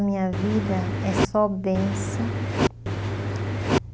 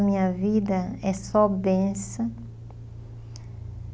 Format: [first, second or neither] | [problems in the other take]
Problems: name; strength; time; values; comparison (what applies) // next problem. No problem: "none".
second | background sound (Engine); 1 dB above the speech